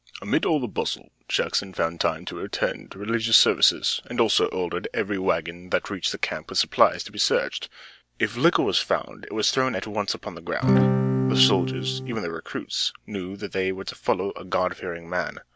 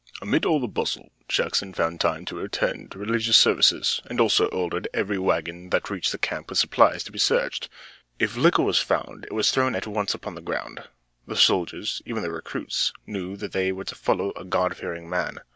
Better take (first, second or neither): second